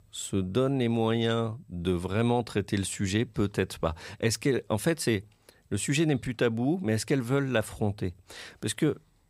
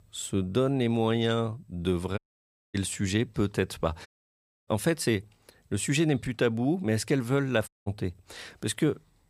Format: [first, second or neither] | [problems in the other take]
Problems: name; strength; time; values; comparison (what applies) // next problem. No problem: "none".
first | audio cutting out; at 2 s for 0.5 s, at 4 s for 0.5 s and at 7.5 s